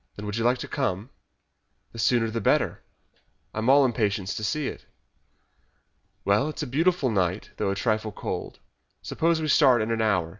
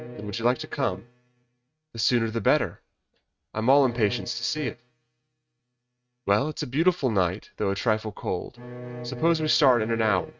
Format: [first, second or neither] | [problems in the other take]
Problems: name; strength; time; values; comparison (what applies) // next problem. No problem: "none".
first | noise reduction (neural mask model RNNoise)